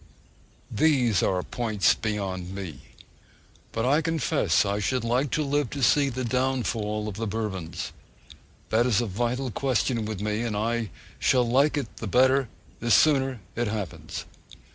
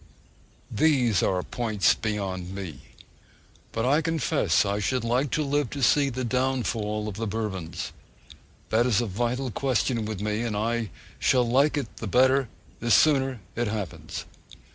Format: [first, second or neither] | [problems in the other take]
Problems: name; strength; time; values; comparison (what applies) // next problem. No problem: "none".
second | background sound (Drill); 18 dB below the speech